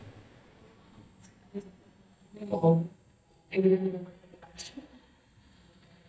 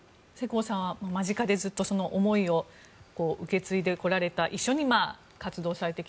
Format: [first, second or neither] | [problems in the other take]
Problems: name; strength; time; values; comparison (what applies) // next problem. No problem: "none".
second | noise reduction (neural mask model DeepFilterNet 3)